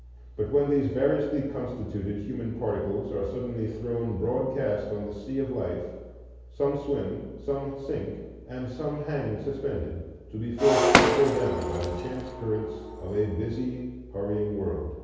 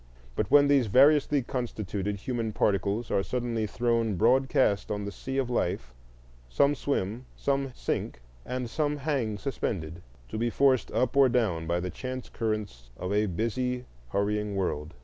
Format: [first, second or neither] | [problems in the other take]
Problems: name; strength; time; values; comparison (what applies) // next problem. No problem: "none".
second | background sound (Shatter); 2 dB above the speech // room echo; dies away in 1.2 s